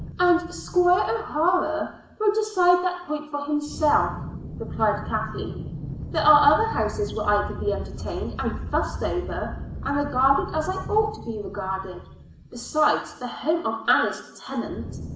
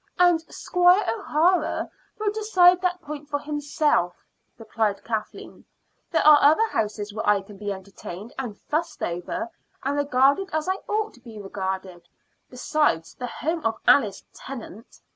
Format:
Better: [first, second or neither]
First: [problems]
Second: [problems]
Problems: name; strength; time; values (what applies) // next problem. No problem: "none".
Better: second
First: background sound (Aircraft); 11 dB below the speech // room echo; dies away in 0.8 s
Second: none